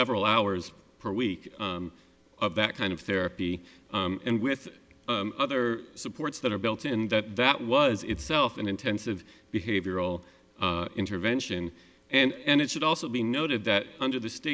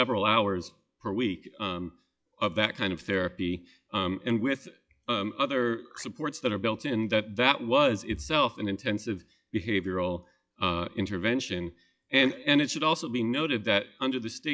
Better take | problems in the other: first | noise reduction (classical method log-MMSE)

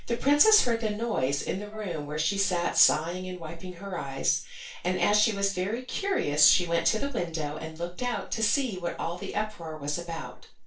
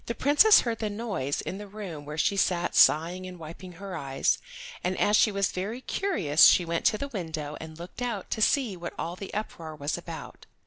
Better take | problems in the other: second | noise reduction (neural separator model SepFormer DNS4)

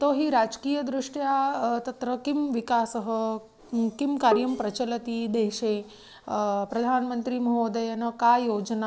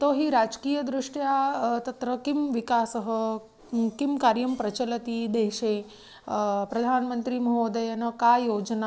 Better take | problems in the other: second | background sound (Bowed string instrument); 8 dB below the speech

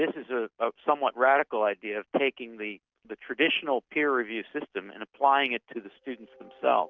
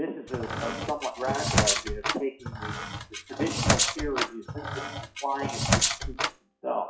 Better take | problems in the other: first | noise reduction (classical method WPE with log-MMSE)

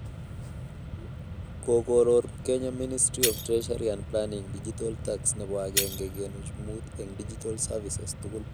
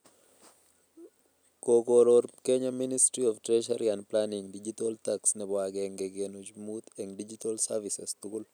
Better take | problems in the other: second | background sound (Shatter + Mechanisms); 6 dB below the speech

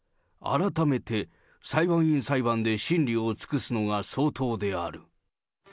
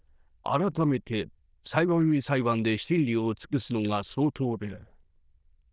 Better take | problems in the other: first | noise reduction (neural diffusion model UNIVERSE++)

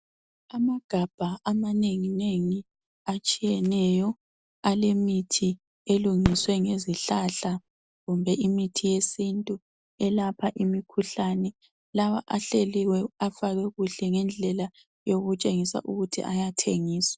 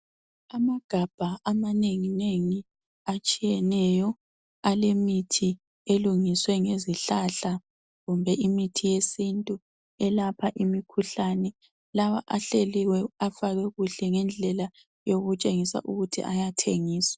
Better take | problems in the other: second | background sound (Coin (dropping) + Fireworks); 9 dB below the speech

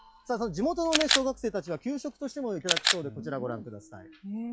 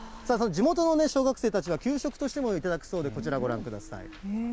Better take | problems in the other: second | noise reduction (classical method log-MMSE)

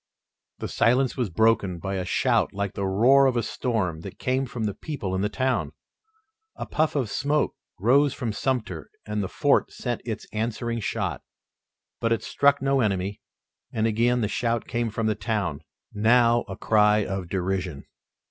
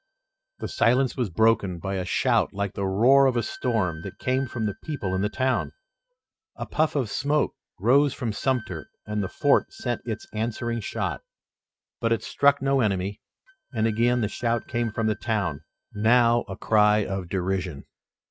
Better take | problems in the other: first | noise reduction (neural mask model RNNoise)

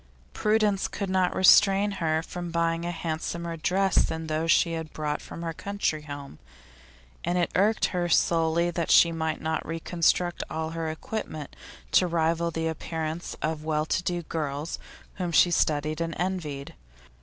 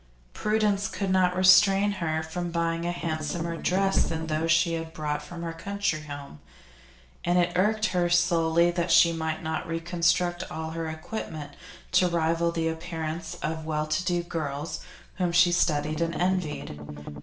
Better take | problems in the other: first | background sound (Strum); 8 dB below the speech // room echo; dies away in 0.4 s

